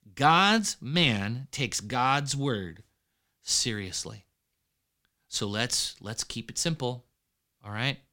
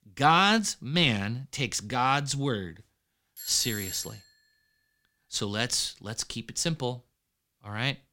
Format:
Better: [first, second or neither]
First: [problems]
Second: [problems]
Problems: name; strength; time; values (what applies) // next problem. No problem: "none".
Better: first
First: none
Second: doorbell; noticeable; at 3.5 s; peak 8 dB below the speech